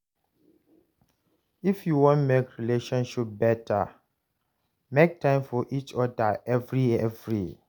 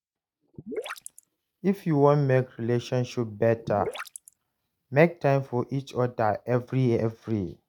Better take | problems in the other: first | noise reduction (neural mask model RNNoise)

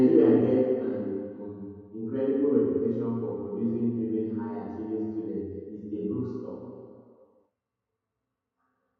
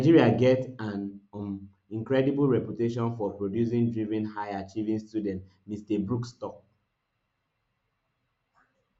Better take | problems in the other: second | room echo; dies away in 2.2 s

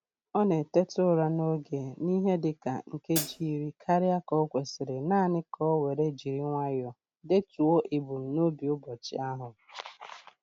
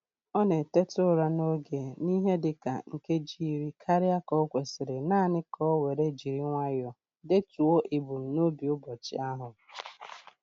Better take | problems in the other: second | background sound (Hi-hat); 5 dB below the speech

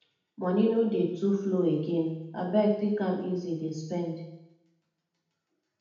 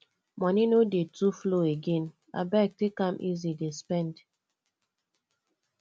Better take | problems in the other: second | room echo; dies away in 0.8 s

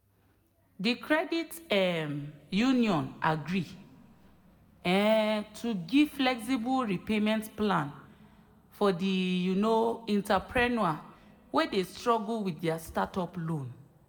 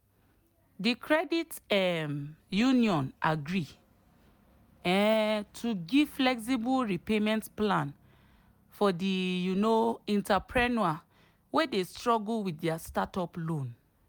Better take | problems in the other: second | room echo; dies away in 1.5 s

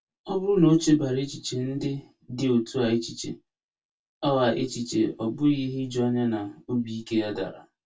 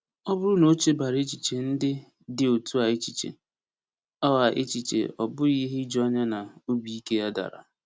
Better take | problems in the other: second | room echo; dies away in 0.1 s

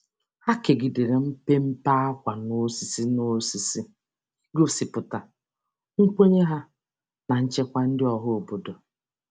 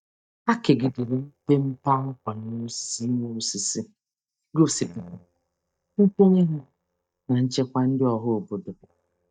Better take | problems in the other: first | noise reduction (neural mask model DeepFilterNet 3)

